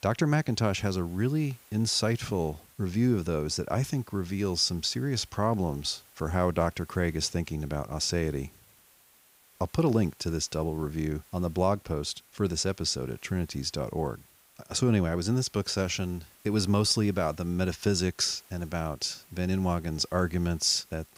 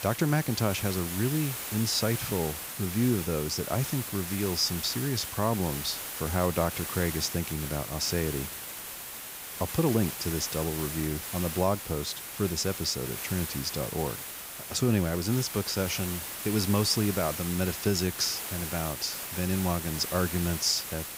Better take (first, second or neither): first